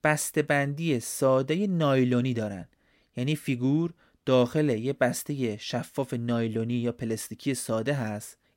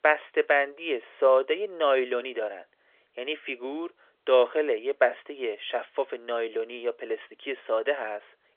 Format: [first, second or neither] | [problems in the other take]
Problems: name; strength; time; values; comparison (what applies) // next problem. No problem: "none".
first | phone-call audio; nothing above 3.5 kHz